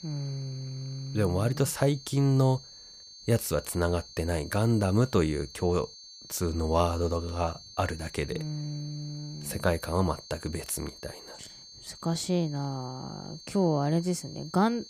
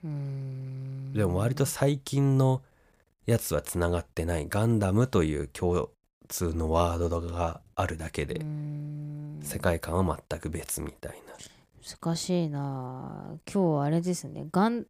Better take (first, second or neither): second